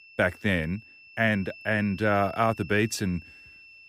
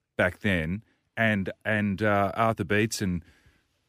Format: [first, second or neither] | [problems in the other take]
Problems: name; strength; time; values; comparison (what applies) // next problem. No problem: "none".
second | high-pitched whine; noticeable; throughout; 2.5 kHz, 20 dB below the speech